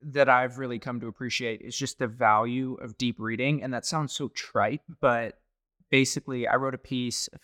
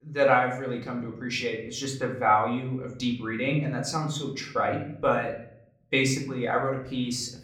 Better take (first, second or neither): first